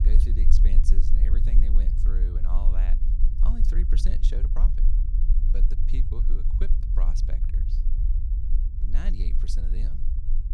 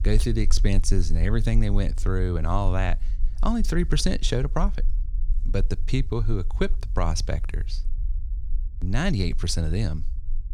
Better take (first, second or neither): second